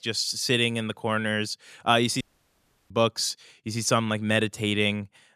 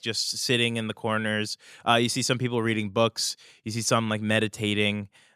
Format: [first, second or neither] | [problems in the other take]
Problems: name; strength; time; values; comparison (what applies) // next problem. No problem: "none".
second | audio cutting out; at 2 s for 0.5 s